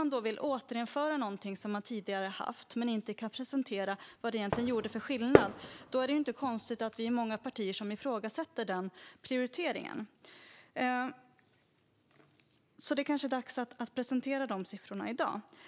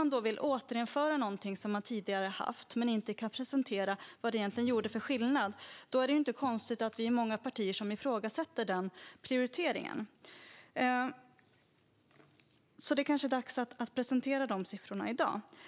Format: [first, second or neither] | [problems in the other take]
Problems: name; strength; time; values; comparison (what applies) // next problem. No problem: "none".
second | background sound (Fireworks); 1 dB above the speech